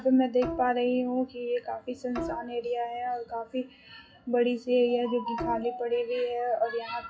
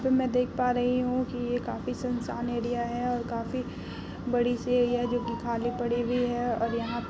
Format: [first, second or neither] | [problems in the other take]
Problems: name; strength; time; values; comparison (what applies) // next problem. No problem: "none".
second | noise reduction (classical method WPE with log-MMSE)